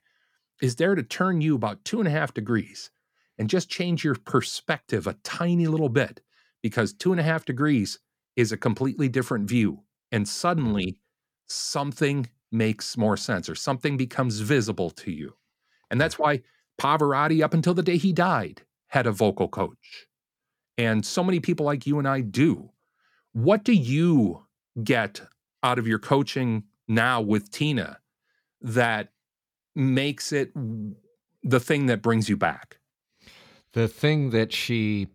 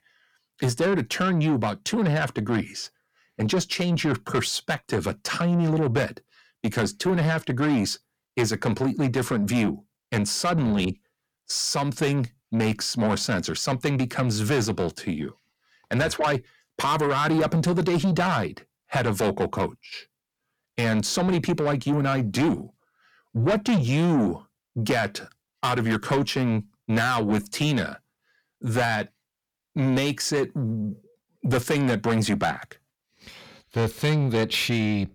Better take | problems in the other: first | distortion; heavy; 8 dB below the speech

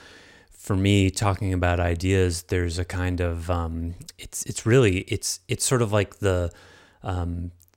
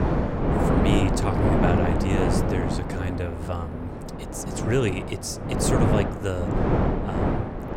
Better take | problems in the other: first | wind noise on the microphone; heavy; 3 dB above the speech

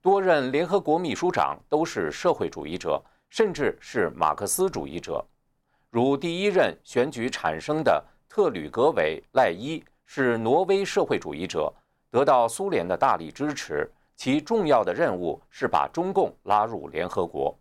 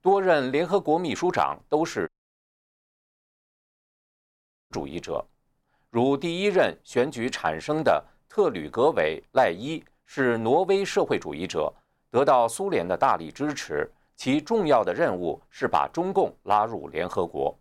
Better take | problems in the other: first | audio cutting out; at 2 s for 2.5 s

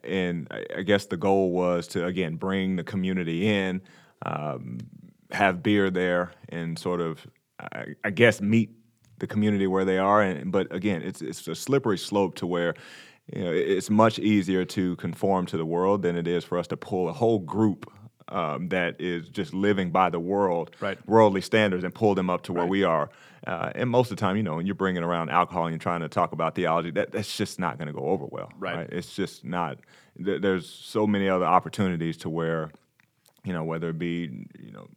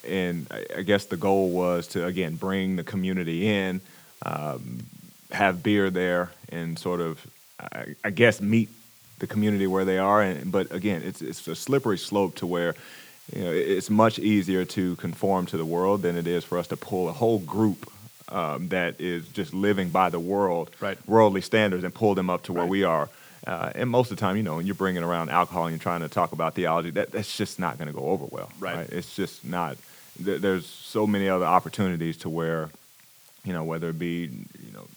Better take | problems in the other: first | hiss; faint; throughout; 20 dB below the speech

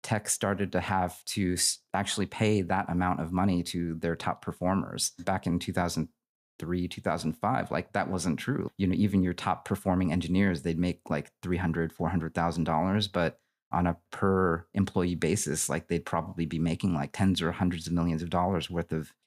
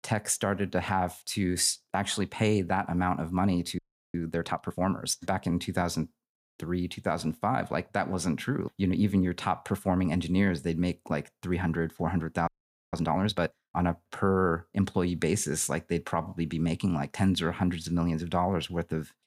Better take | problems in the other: first | audio freezing; at 4 s and at 12 s

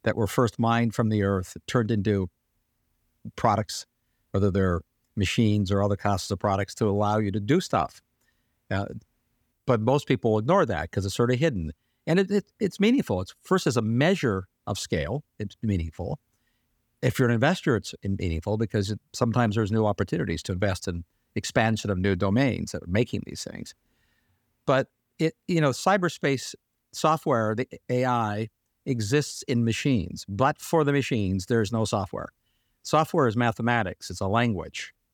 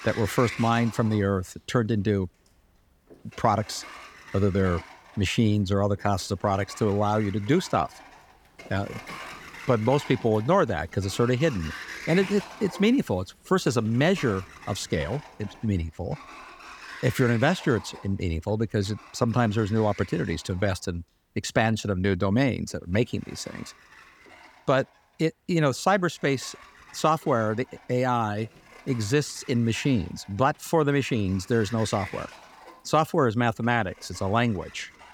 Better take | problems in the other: first | household noises; noticeable; throughout; 15 dB below the speech

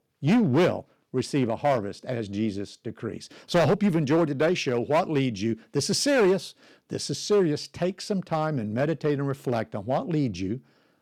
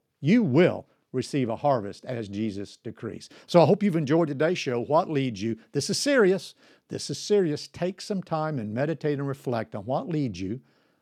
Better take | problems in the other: second | distortion; slight; 5% of the sound clipped

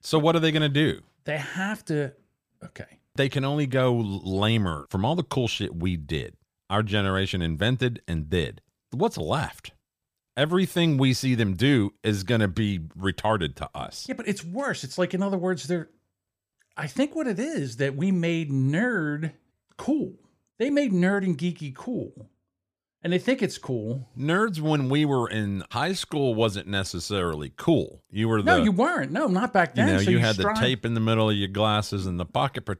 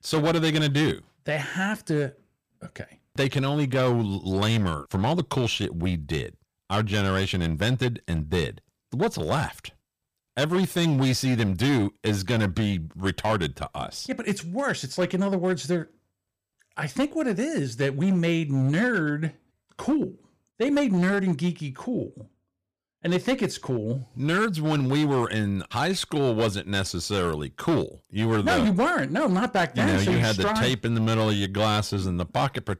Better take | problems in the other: first | distortion; slight; 9% of the sound clipped

